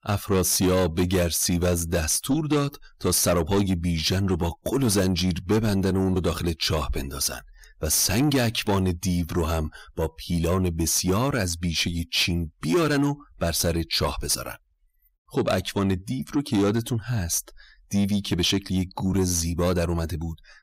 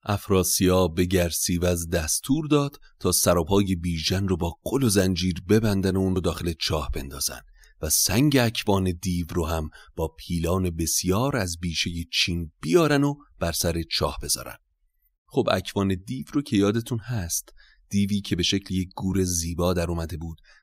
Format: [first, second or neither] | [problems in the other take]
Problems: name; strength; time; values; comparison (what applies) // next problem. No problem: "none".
second | distortion; slight; 10 dB below the speech